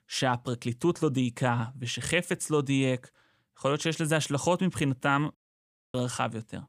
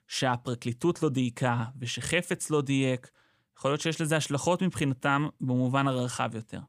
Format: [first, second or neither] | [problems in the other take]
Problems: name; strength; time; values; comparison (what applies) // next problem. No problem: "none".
second | audio cutting out; at 5.5 s for 0.5 s